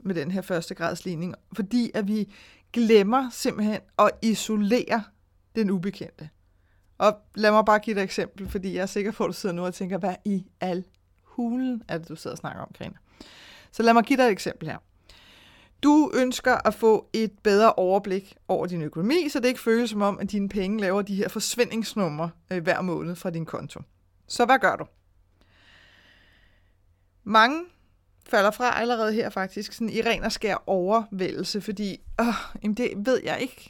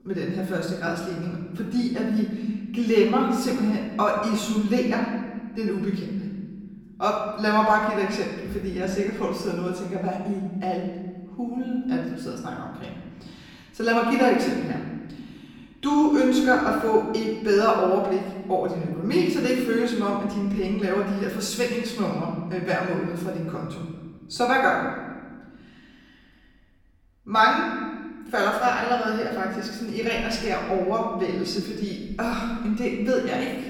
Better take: first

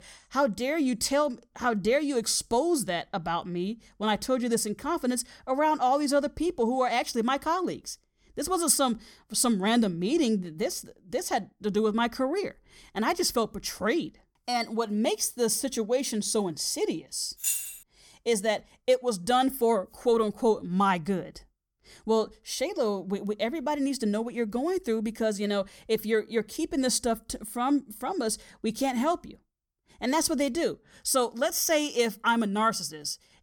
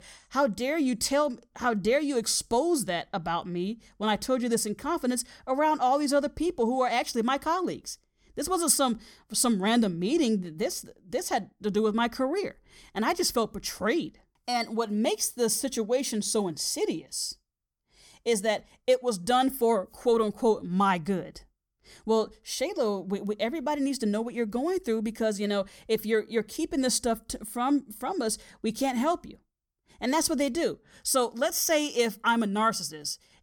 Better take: second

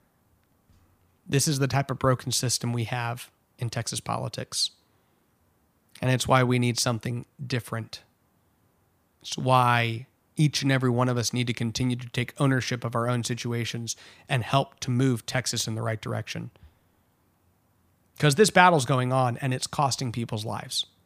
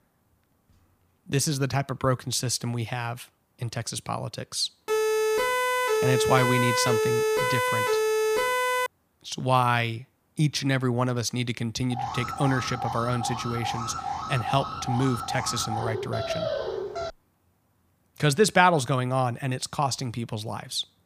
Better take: first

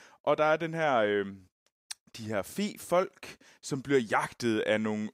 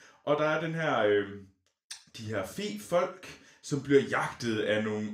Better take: first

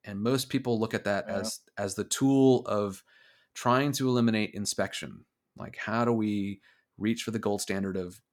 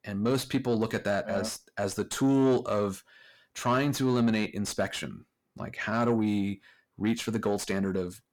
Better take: first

